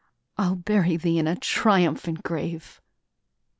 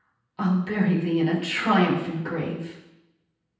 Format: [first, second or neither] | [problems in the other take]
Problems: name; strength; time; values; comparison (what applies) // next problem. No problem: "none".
first | room echo; dies away in 0.9 s